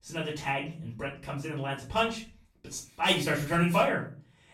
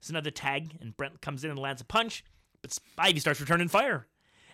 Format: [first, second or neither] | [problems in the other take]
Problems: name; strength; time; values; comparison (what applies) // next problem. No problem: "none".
second | off-mic speech; far // room echo; slight; dies away in 0.4 s